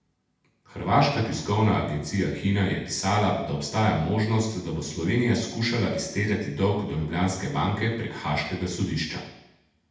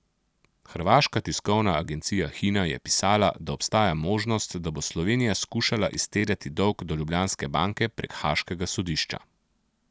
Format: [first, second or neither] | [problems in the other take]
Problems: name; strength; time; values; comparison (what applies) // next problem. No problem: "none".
second | room echo; dies away in 0.8 s